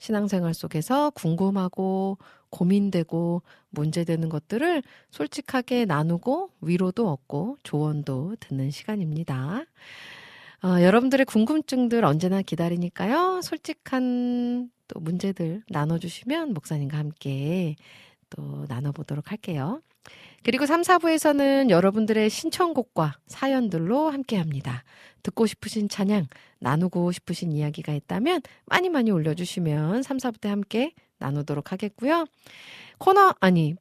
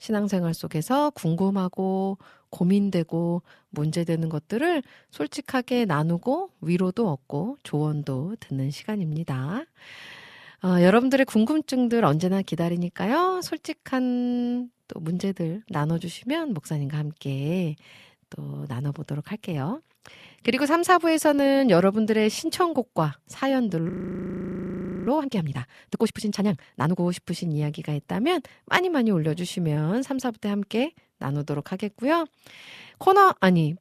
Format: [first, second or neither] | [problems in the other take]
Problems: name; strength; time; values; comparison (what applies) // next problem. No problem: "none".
first | audio freezing; at 24 s for 1 s